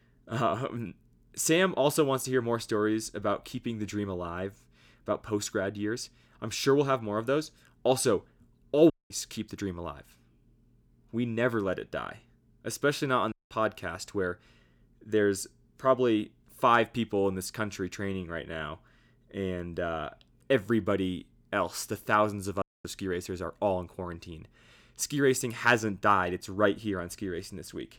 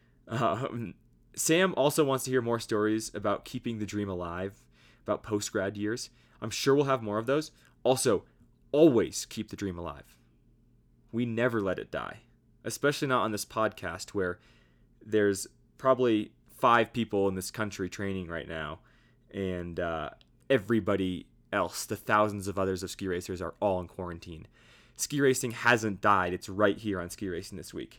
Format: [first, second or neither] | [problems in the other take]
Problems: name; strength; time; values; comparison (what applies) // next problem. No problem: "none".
second | audio cutting out; at 9 s, at 13 s and at 23 s